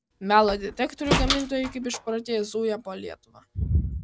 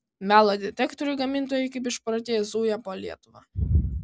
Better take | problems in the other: second | background sound (Slam); 5 dB below the speech

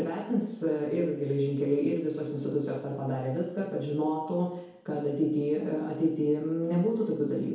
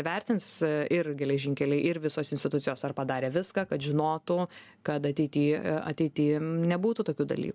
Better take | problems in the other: second | room echo; dies away in 1.9 s

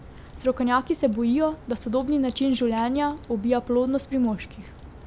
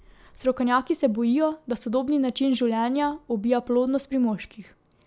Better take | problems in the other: second | background sound (Crack); 19 dB below the speech

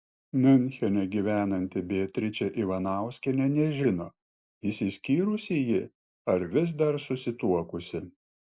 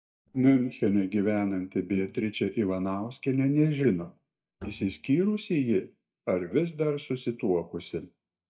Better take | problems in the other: first | noise reduction (neural mask model DeepFilterNet 3)

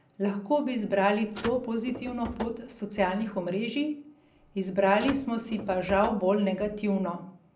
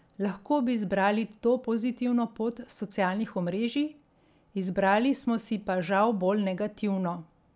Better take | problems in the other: second | background sound (Car); 15 dB below the speech // room echo; dies away in 0.5 s

